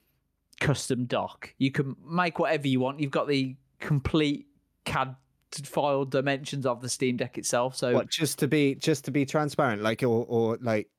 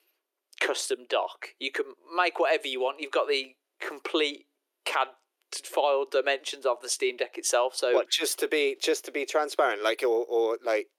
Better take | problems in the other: first | thin; very; fading below 350 Hz

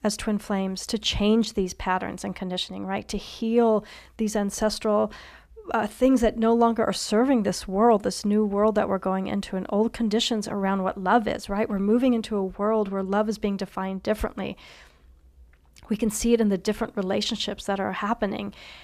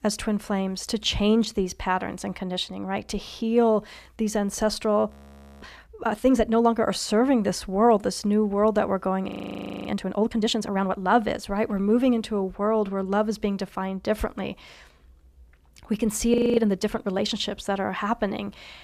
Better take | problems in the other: first | audio freezing; at 5 s for 0.5 s, at 9.5 s for 0.5 s and at 16 s

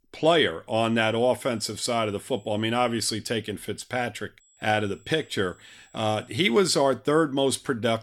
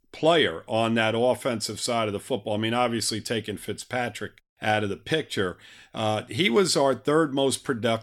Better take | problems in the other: second | high-pitched whine; faint; from 0.5 to 3 s and from 4.5 to 6.5 s; 7.5 kHz, 35 dB below the speech

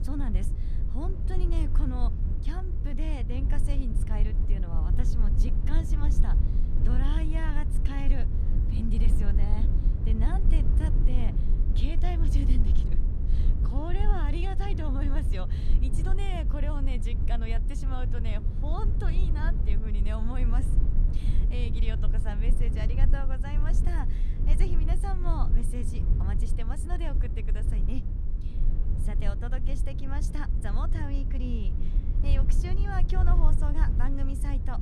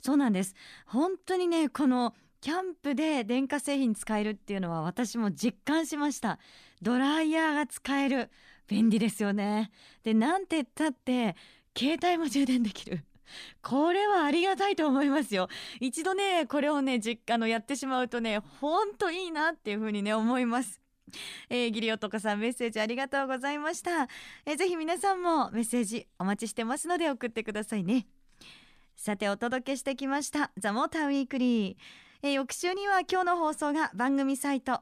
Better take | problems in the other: second | low rumble; loud; throughout; 5 dB below the speech

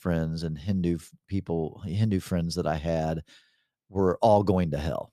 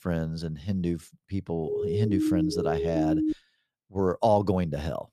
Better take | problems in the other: first | siren; loud; from 1.5 to 3.5 s; peak 3 dB above the speech

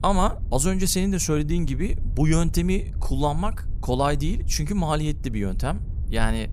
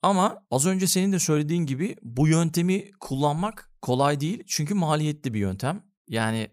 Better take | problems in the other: second | low rumble; faint; throughout; 20 dB below the speech

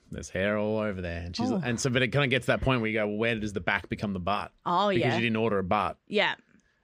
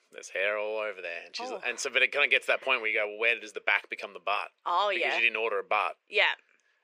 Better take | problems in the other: first | thin; very; fading below 450 Hz

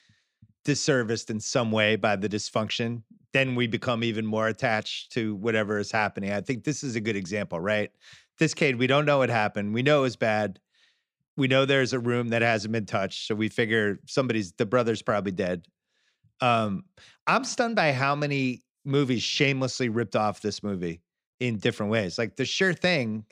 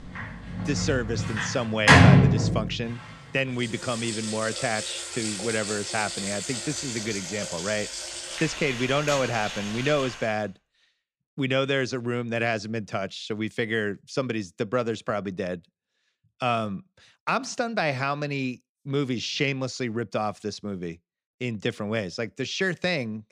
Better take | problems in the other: first | household noises; very loud; until 10 s; 3 dB above the speech

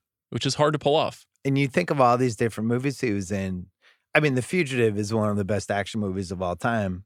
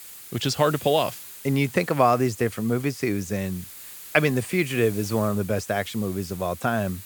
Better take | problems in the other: first | hiss; noticeable; throughout; 15 dB below the speech

